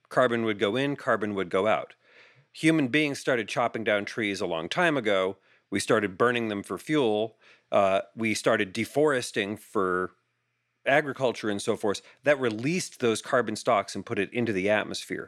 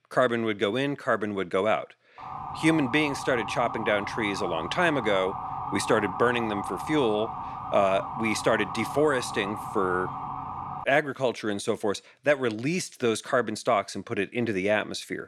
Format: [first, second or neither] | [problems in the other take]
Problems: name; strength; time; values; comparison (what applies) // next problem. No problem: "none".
first | siren; noticeable; from 2 to 11 s; peak 6 dB below the speech